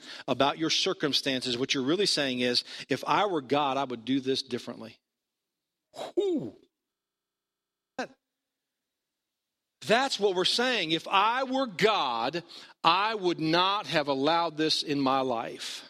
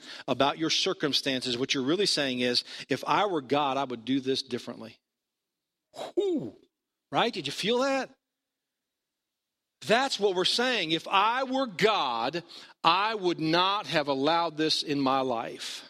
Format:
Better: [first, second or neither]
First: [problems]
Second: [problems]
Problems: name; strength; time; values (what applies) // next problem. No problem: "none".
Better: second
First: audio freezing; at 7 s for 1 s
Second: none